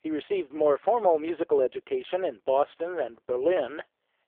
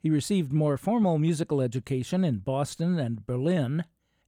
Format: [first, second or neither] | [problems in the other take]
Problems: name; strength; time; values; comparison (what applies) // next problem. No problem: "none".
second | phone-call audio; poor line; nothing above 3.5 kHz